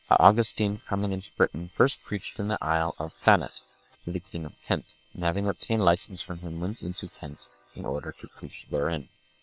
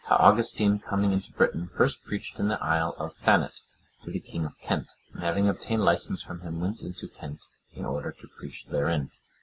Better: second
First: noise reduction (neural separator model SepFormer WHAM!)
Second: none

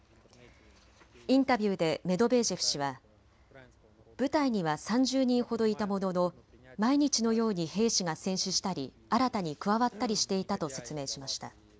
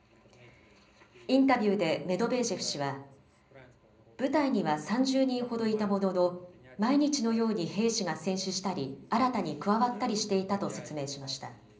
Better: first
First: none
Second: room echo; dies away in 0.5 s

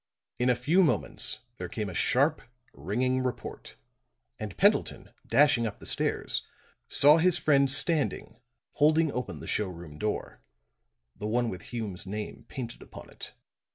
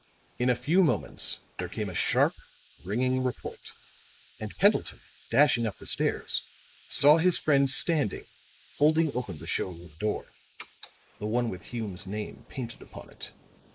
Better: first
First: none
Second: noise reduction (neural mask model Resemble Enhance denoiser)

